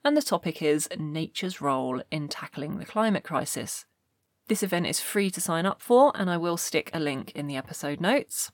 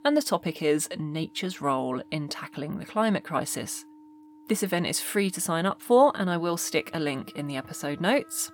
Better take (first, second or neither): first